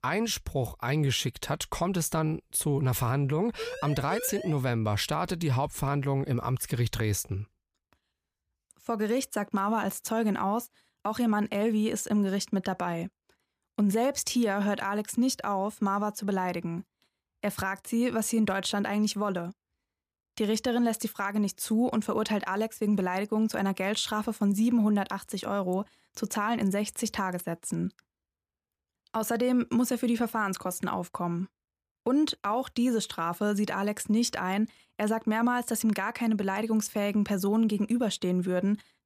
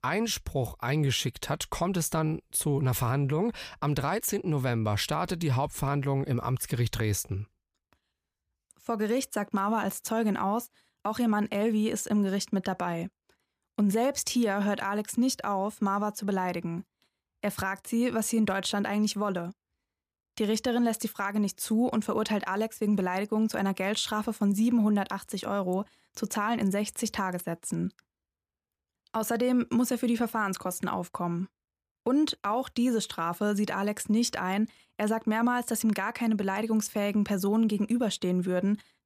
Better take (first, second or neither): second